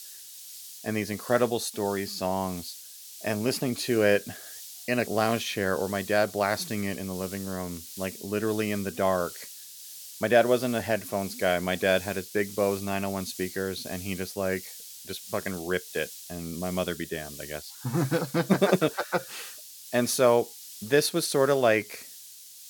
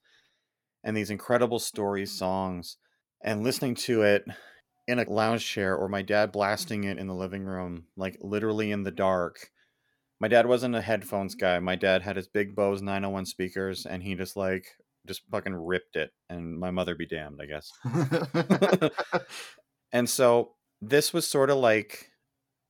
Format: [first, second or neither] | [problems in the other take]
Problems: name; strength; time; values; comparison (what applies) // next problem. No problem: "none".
second | hiss; noticeable; throughout; 15 dB below the speech